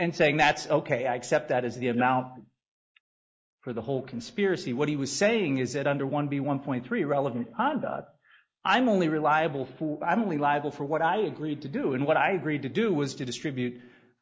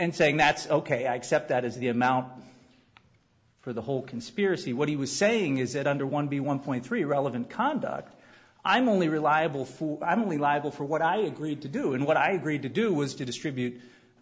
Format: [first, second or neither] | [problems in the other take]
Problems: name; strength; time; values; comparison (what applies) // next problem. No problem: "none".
second | noise reduction (neural mask model Resemble Enhance denoiser)